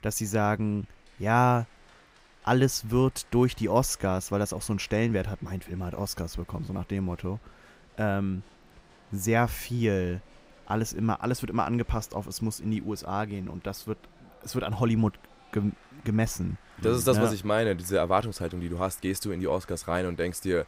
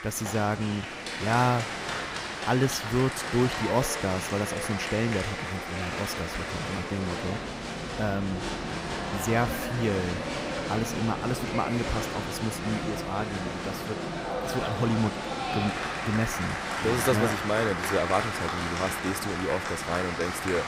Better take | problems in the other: first | crowd noise; loud; throughout; 2 dB below the speech; faint in the first

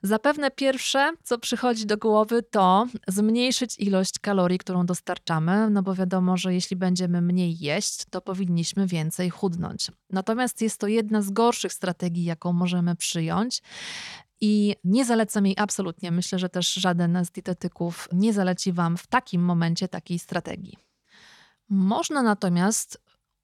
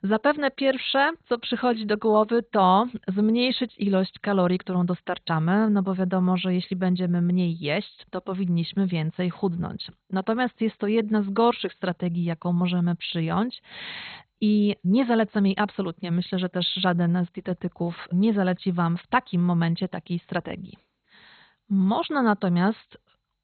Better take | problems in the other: first | garbled, watery; badly; nothing above 4 kHz

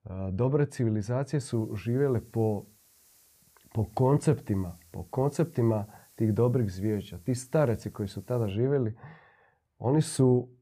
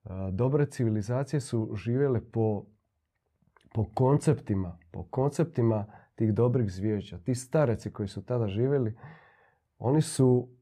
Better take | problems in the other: second | hiss; faint; from 1.5 to 8.5 s; 30 dB below the speech

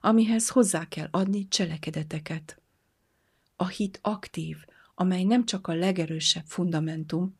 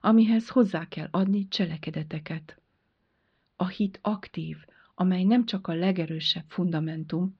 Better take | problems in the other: first | muffled; very slightly; fading above 4.5 kHz

